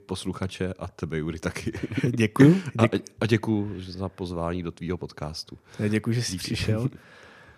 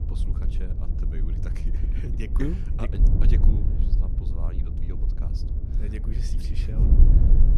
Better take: first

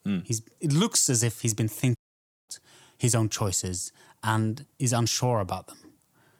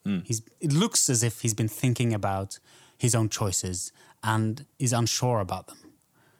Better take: second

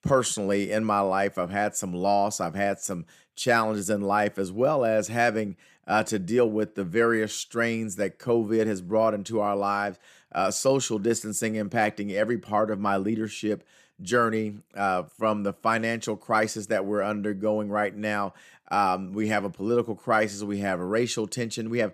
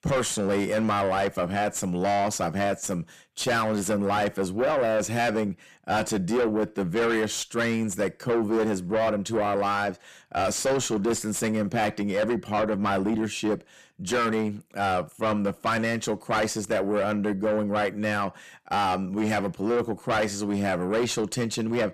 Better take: first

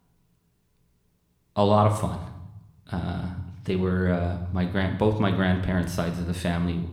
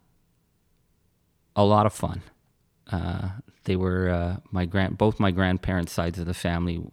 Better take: second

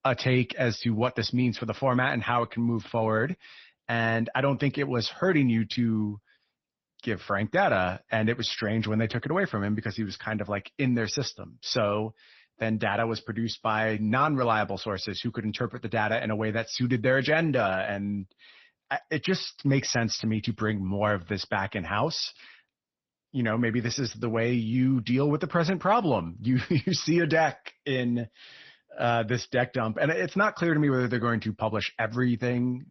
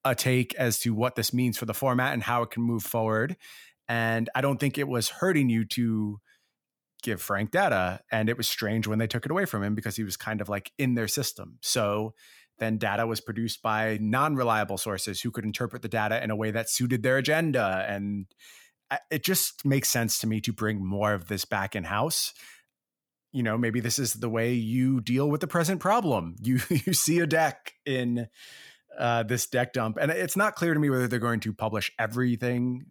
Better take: second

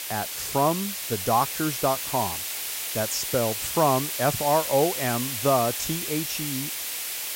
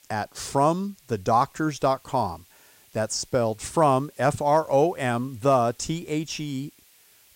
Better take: second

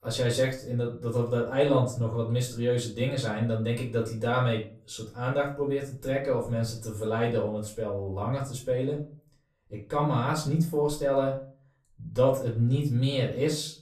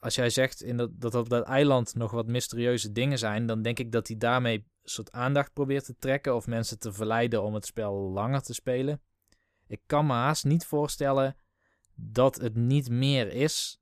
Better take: second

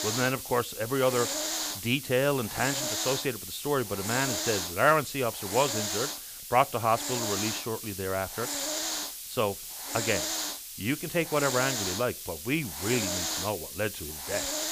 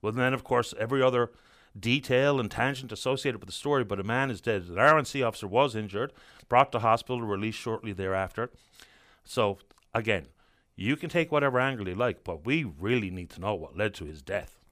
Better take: second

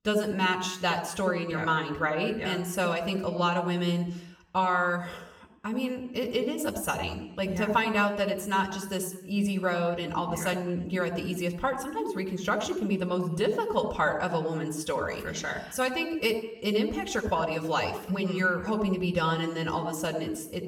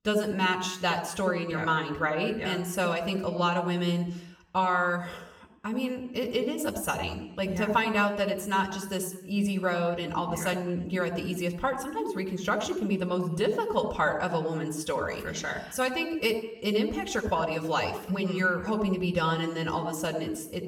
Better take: neither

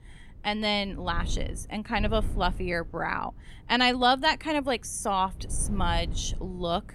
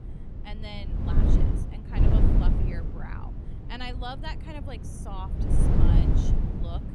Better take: first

